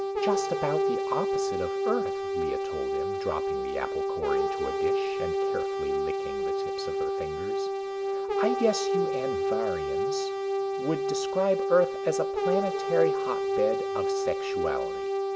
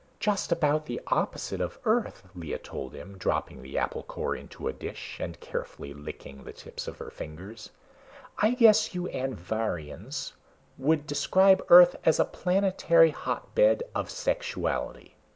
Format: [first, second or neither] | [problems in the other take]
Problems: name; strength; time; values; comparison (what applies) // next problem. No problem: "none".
second | background sound (Brass instrument); 4 dB above the speech